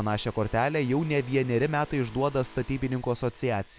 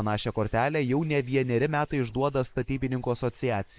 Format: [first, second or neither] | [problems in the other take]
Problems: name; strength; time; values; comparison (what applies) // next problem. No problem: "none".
first | noise reduction (neural mask model Resemble Enhance denoiser)